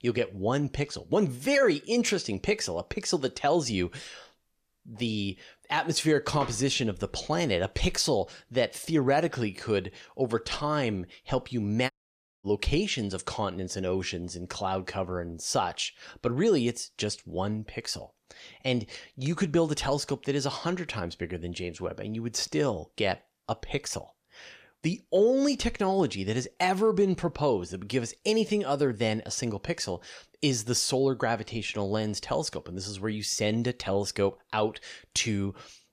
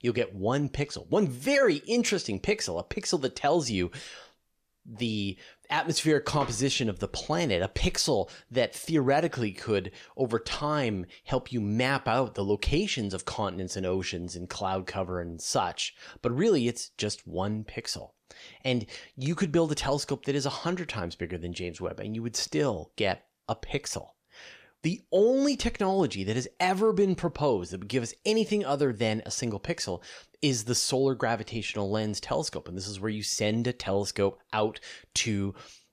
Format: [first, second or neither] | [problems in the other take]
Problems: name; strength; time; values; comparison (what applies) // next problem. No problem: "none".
second | audio cutting out; at 12 s for 0.5 s